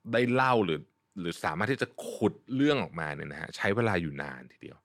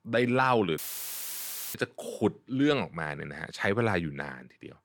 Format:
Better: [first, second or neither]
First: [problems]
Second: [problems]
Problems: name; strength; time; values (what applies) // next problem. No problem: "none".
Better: first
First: none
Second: audio cutting out; filled with static; at 1 s for 1 s